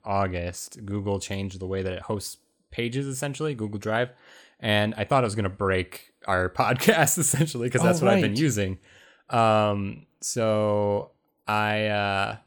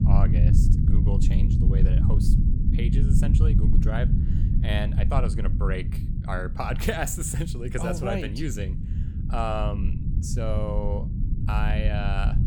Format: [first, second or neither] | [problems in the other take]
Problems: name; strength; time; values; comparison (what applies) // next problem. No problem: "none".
first | low rumble; loud; throughout; 6 dB below the speech